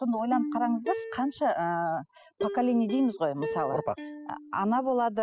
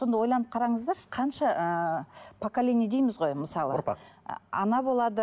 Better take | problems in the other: second | noise reduction (classical method spectral subtraction)

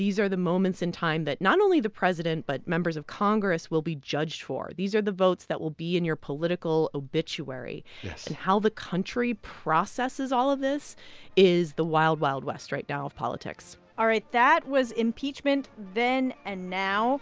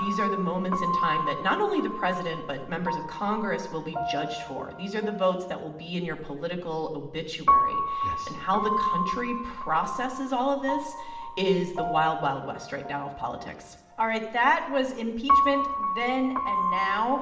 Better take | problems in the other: first | background sound (Piano); 2 dB below the speech // room echo; dies away in 0.9 s

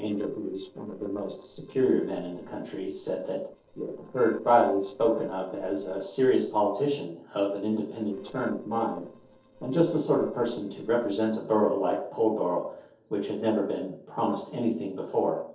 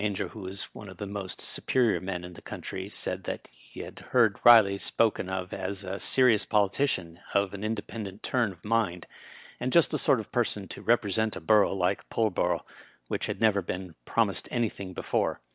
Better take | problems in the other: second | noise reduction (neural separator model SepFormer DNS4)

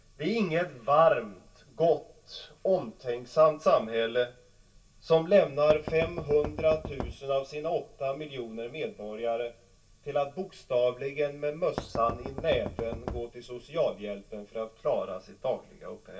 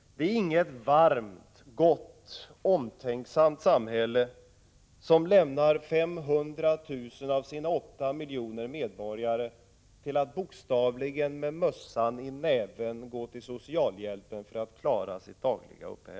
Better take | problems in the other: second | background sound (Knock); 9 dB below the speech // room echo; dies away in 0.2 s

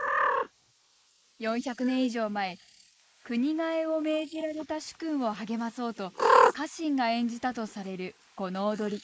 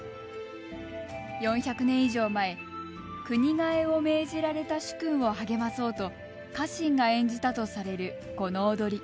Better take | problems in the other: second | noise reduction (neural mask model Resemble Enhance denoiser)

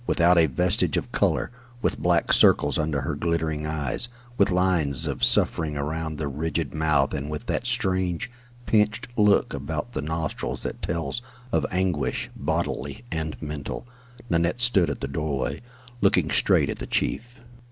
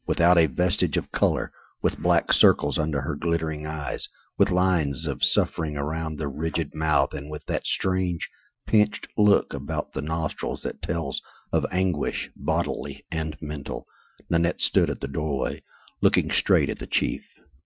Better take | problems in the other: first | noise reduction (classical method Wiener filter)

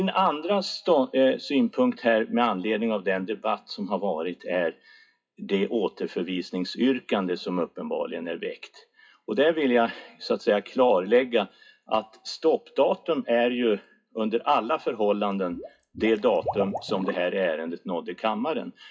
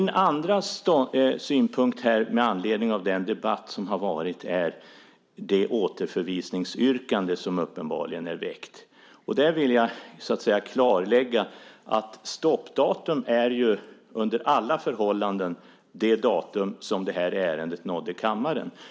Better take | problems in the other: second | noise reduction (classical method WPE with log-MMSE)

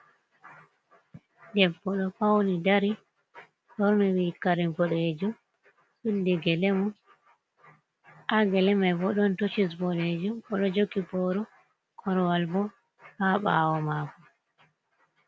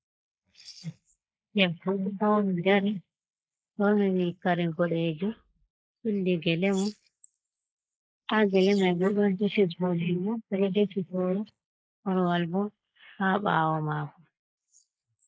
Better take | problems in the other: first | noise reduction (neural mask model Resemble Enhance denoiser)

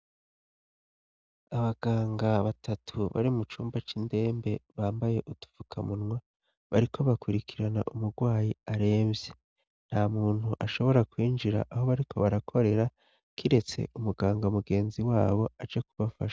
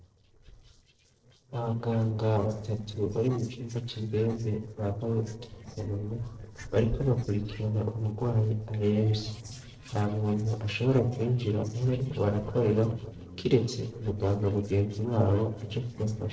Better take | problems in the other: first | noise reduction (neural separator model SepFormer DNS4)

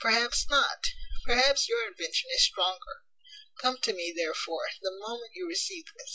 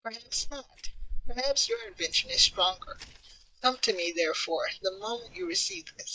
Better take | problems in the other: first | noise reduction (neural mask model DeepFilterNet 3)

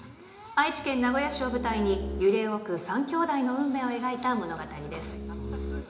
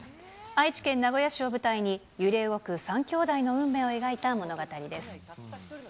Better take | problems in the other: second | background sound (Bowed string instrument); 9 dB below the speech // room echo; dies away in 0.8 s

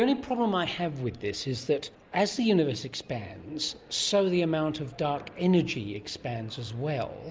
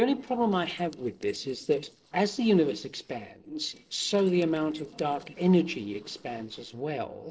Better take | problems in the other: first | noise reduction (neural separator model SepFormer DNS4)

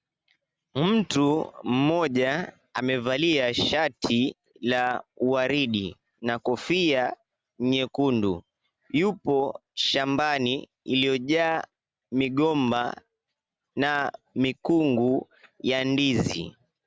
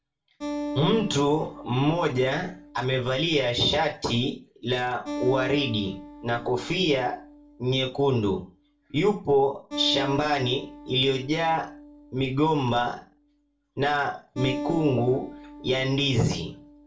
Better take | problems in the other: first | background sound (Acoustic guitar); 12 dB below the speech // room echo; dies away in 0.3 s

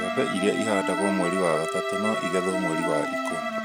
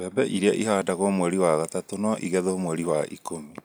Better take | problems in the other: second | background sound (Wind instrument, woodwind instrument + Bowed string instrument); 1 dB below the speech

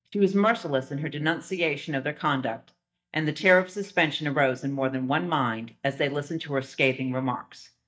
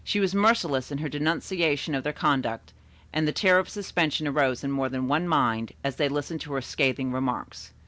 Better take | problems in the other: second | noise reduction (neural mask model DeepFilterNet 3)

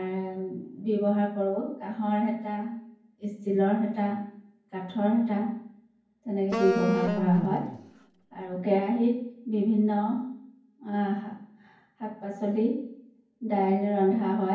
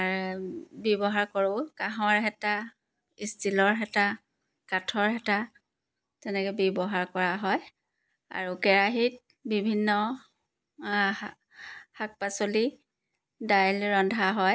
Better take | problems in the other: second | background sound (Wind instrument, woodwind instrument); 3 dB below the speech // room echo; dies away in 0.9 s

